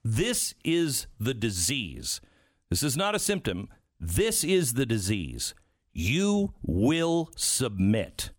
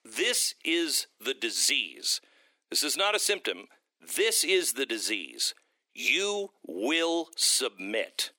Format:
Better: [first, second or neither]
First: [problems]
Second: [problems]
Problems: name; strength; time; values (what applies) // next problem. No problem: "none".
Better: first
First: none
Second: thin; very; fading below 350 Hz